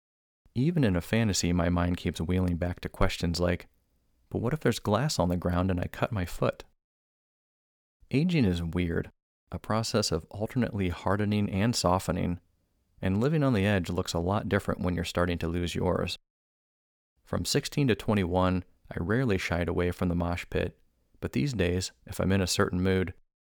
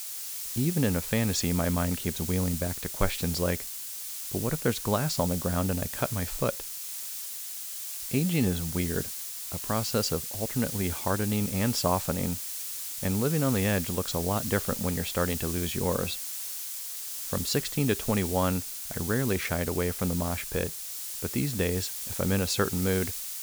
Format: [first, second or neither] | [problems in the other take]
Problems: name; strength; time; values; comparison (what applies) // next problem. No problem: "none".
first | hiss; loud; throughout; 4 dB below the speech